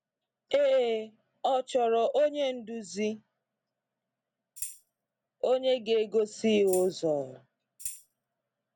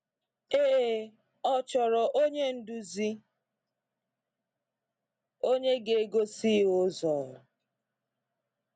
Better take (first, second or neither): second